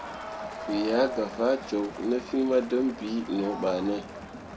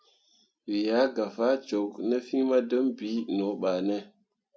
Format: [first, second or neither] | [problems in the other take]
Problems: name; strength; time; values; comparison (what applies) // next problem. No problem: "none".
second | background sound (Crowd); 11 dB below the speech